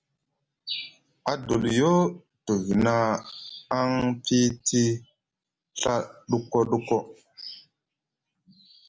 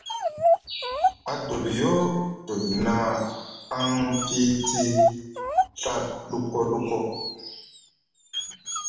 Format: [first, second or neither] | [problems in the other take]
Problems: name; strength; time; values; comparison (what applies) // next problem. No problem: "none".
first | background sound (Dog); 2 dB below the speech // room echo; dies away in 0.9 s